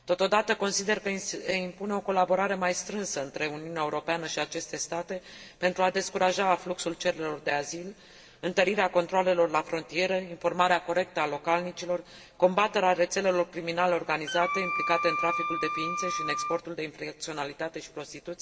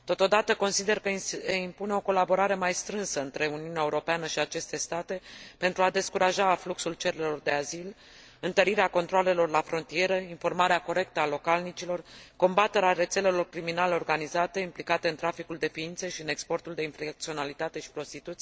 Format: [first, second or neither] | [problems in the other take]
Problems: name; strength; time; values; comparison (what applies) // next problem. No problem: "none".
second | background sound (Wind instrument, woodwind instrument); 4 dB below the speech // room echo; dies away in 2.3 s